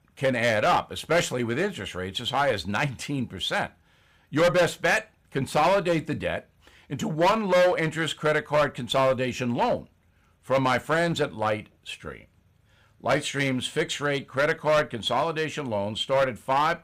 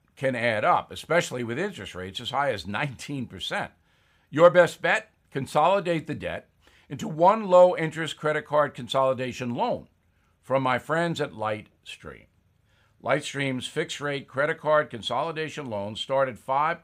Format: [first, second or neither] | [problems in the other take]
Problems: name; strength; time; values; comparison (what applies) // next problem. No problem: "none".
second | distortion; heavy; 7% of the sound clipped